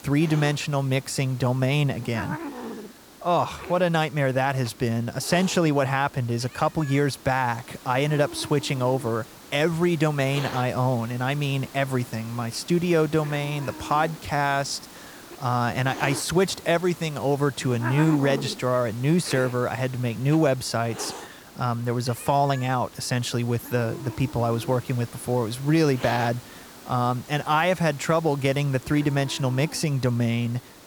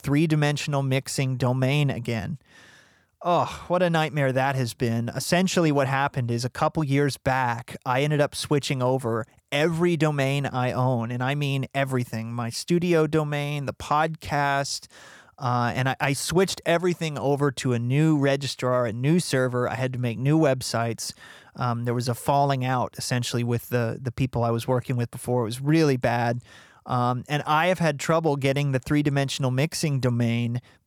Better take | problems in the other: second | hiss; noticeable; throughout; 15 dB below the speech

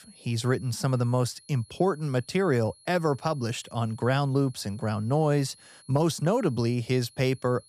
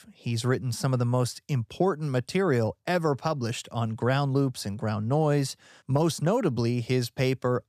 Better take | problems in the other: second | high-pitched whine; faint; throughout; 10.5 kHz, 25 dB below the speech

